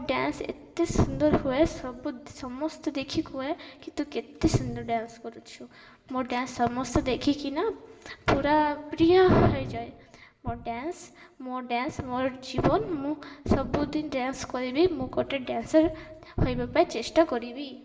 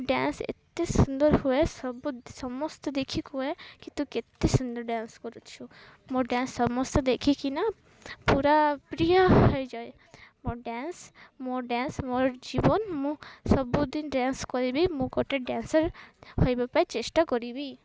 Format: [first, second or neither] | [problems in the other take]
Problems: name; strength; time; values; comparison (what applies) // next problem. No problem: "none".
second | room echo; dies away in 0.9 s